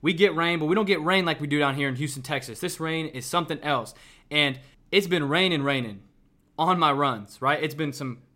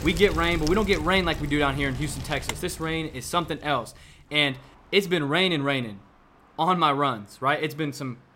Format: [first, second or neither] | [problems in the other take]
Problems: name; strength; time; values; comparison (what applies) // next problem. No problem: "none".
first | traffic noise; noticeable; throughout; 10 dB below the speech